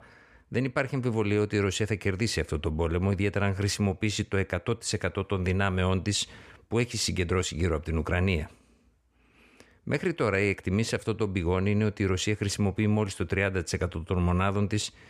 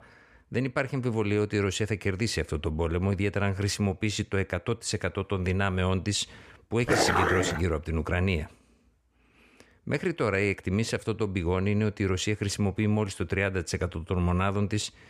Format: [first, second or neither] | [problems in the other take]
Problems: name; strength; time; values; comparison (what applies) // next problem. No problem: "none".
first | dog barking; loud; at 7 s; peak 4 dB above the speech